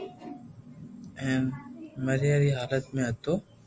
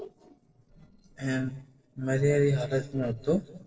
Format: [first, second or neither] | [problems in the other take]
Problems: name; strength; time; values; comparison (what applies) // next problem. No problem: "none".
first | noise reduction (neural separator model SepFormer DNS4)